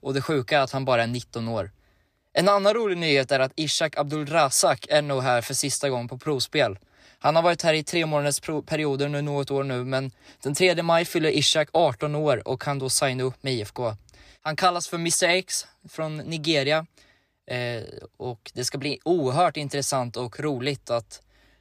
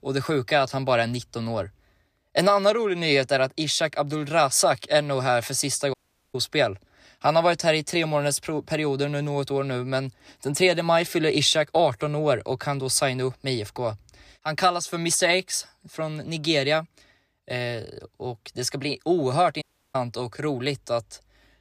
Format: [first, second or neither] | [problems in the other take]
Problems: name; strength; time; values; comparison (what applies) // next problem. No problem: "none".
first | audio cutting out; at 6 s and at 20 s